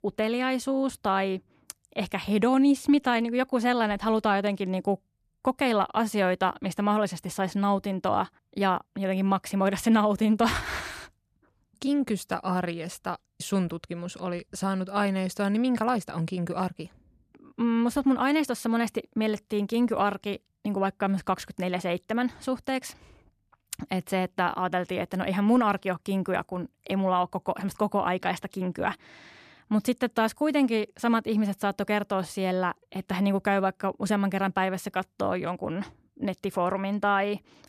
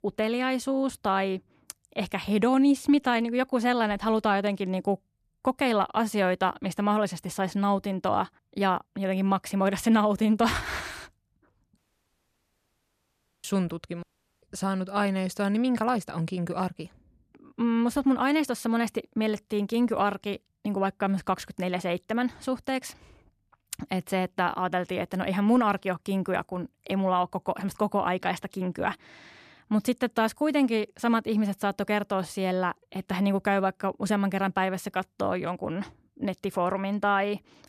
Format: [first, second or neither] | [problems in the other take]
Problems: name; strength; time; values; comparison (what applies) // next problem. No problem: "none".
first | audio cutting out; at 12 s for 1.5 s and at 14 s